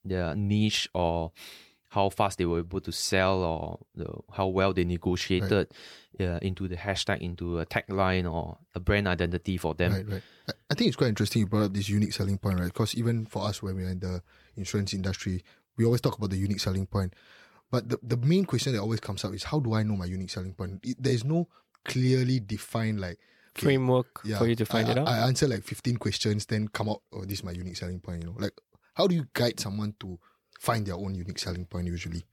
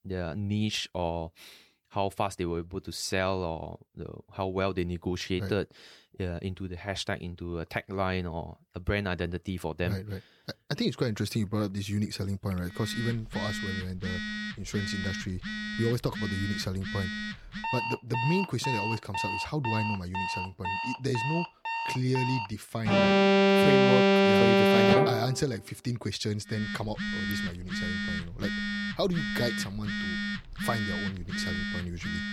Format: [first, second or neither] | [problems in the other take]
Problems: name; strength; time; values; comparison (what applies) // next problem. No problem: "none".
first | alarms or sirens; very loud; from 13 s on; 4 dB above the speech